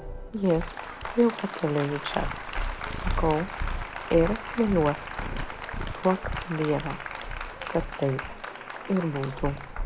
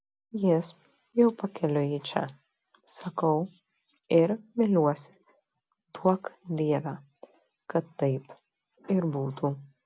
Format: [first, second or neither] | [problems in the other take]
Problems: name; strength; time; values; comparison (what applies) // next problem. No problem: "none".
second | background sound (Purr + Applause); 4 dB below the speech